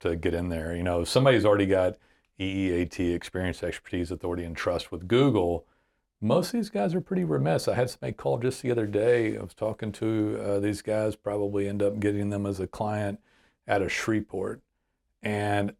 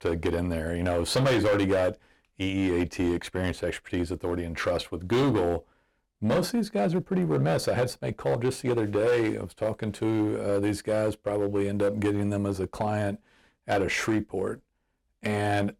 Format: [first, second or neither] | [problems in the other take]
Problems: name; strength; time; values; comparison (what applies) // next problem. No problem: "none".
first | distortion; slight; 7% of the sound clipped